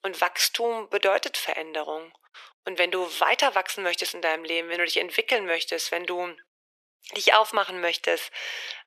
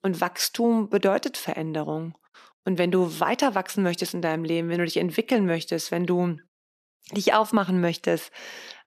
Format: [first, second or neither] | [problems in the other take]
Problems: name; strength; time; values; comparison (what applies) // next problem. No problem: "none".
second | thin; very; fading below 450 Hz